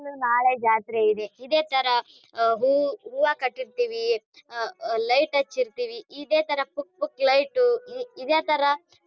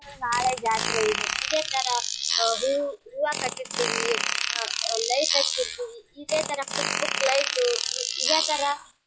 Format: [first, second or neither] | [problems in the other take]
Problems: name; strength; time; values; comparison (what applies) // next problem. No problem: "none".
first | noise reduction (classical method log-MMSE)